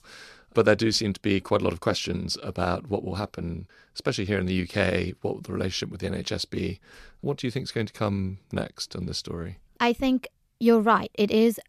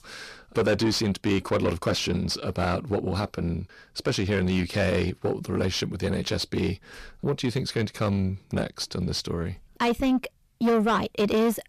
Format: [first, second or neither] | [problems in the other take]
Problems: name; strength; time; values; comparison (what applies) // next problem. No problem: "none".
first | distortion; heavy; 7 dB below the speech